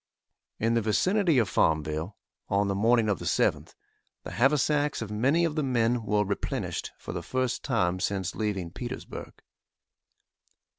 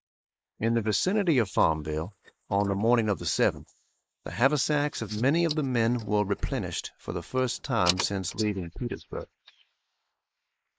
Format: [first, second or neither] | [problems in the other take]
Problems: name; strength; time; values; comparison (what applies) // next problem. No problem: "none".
first | noise reduction (neural mask model Resemble Enhance denoiser)